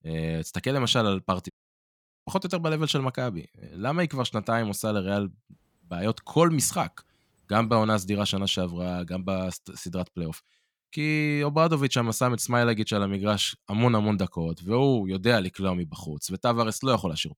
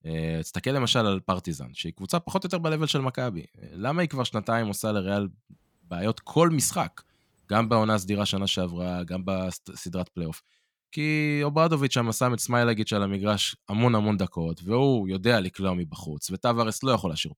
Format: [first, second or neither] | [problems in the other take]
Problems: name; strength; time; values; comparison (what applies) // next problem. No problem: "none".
second | audio cutting out; at 1.5 s for 1 s